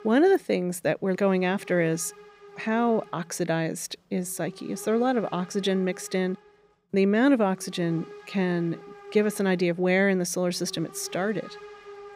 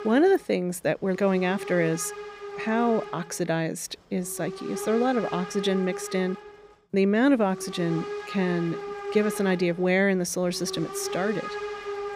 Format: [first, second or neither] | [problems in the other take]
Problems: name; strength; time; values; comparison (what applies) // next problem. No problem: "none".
first | hiss; loud; throughout; 10 dB below the speech; faint in the first